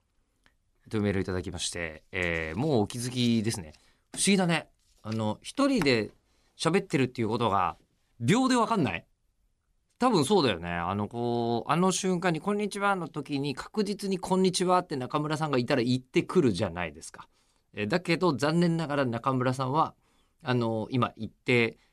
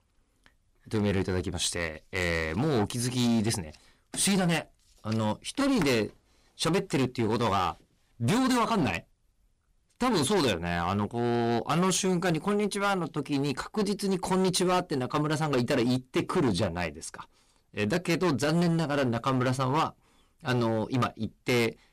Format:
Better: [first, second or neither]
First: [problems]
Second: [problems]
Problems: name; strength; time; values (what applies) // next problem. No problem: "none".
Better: first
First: none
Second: distortion; heavy; 13% of the sound clipped